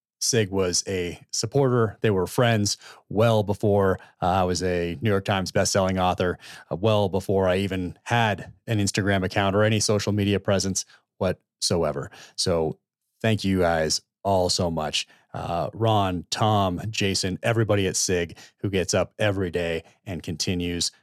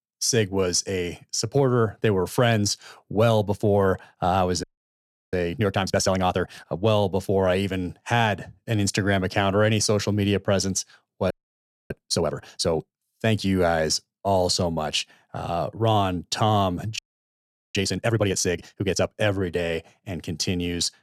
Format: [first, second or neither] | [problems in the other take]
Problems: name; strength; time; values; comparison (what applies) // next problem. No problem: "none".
first | audio freezing; at 4.5 s for 0.5 s, at 11 s for 0.5 s and at 17 s for 1 s